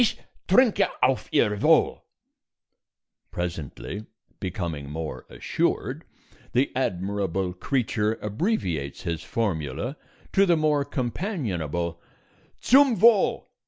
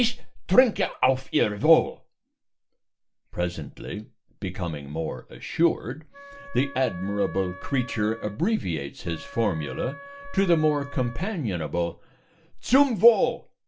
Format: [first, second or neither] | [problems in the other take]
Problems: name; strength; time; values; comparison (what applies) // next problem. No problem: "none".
first | background sound (Wind instrument, woodwind instrument); 17 dB below the speech // room echo; dies away in 0.2 s